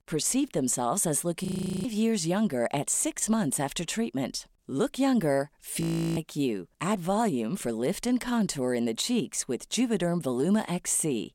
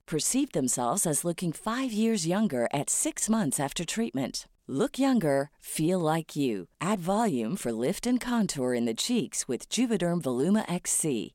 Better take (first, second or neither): second